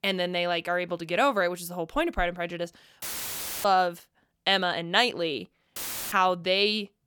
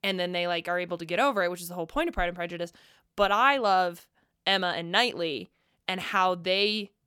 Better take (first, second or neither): second